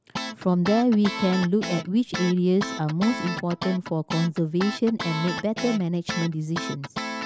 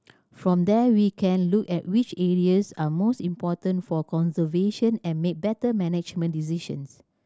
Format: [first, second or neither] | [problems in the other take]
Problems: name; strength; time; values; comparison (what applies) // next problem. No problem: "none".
second | background sound (Guitar); 8 dB below the speech